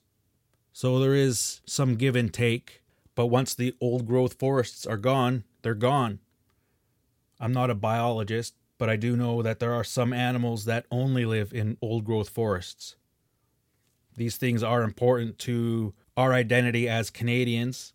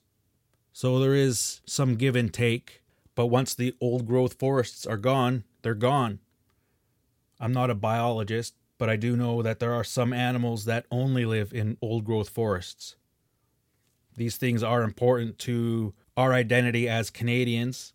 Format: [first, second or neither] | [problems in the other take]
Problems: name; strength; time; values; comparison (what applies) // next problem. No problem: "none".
neither | none